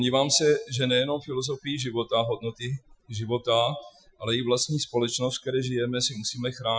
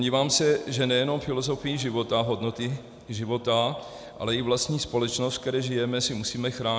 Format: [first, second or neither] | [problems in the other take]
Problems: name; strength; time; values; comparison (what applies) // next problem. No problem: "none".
second | noise reduction (classical method Wiener filter)